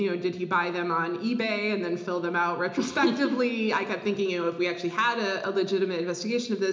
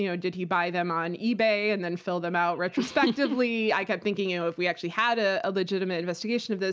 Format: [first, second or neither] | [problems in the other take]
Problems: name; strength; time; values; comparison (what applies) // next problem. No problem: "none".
second | room echo; dies away in 0.8 s